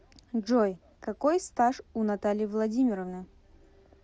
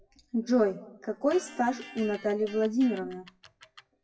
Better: first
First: none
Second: noise reduction (classical method WPE with log-MMSE)

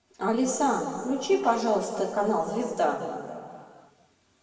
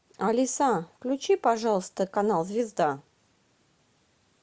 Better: second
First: room echo; dies away in 2 s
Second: none

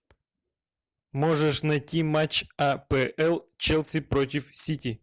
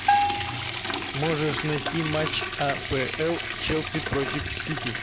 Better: first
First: none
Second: background sound (Bell + Liquid); 1 dB above the speech

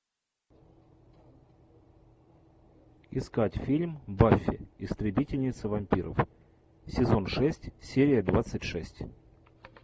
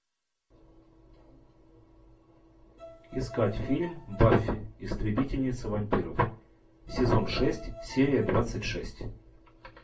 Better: first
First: none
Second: background sound (Bowed string instrument); 18 dB below the speech // room echo; dies away in 0.2 s

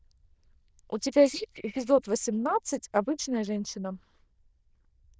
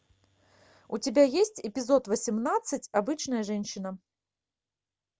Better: second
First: noise reduction (neural diffusion model UNIVERSE++)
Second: none

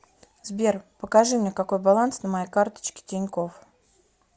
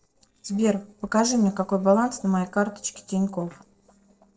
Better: first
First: none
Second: noise reduction (neural separator model SepFormer DNS4)

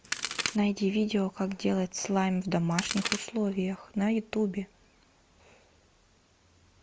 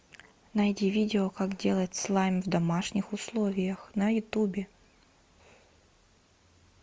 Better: second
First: background sound (Crack); 2 dB below the speech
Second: none

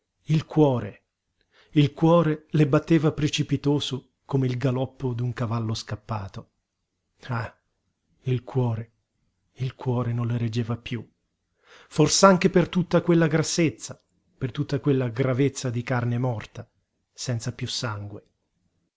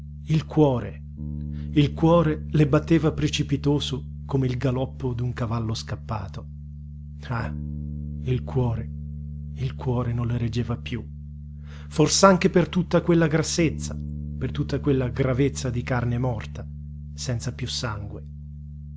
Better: first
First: none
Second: background sound (Bass guitar); 10 dB below the speech

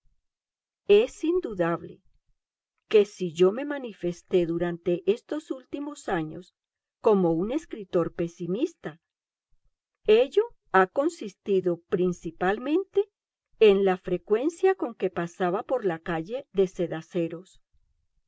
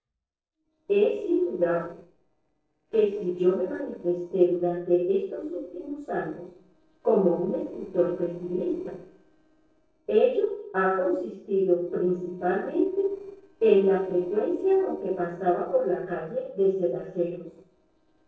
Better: first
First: none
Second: noise reduction (neural separator model SepFormer DNS4)

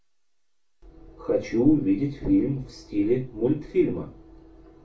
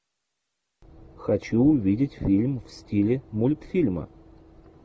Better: second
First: room echo; dies away in 0.3 s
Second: none

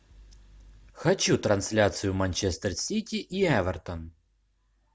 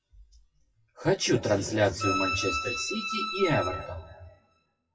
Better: first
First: none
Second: noise reduction (classical method WPE with log-MMSE)

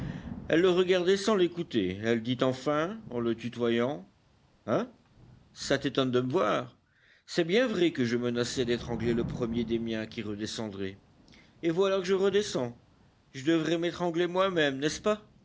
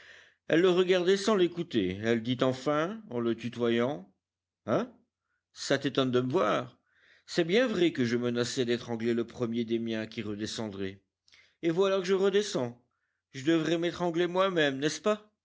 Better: second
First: background sound (Thunder / Rain); 18 dB below the speech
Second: none

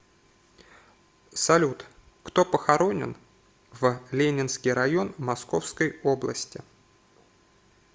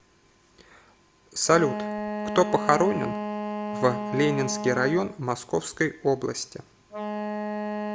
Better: first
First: none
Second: background sound (Wind instrument, woodwind instrument); 6 dB below the speech

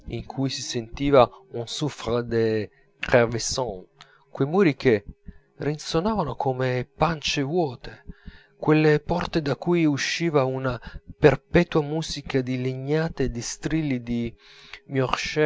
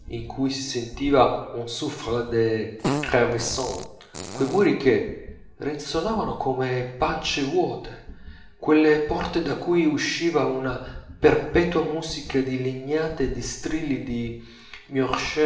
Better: first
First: none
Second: background sound (Fart); 9 dB below the speech // room echo; dies away in 0.8 s

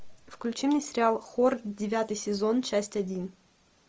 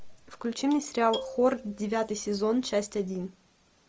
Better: first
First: none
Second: background sound (Marimba, xylophone); 14 dB below the speech

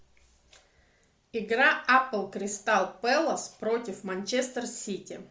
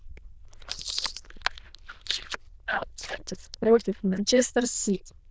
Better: first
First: none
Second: noise reduction (neural diffusion model UNIVERSE++)

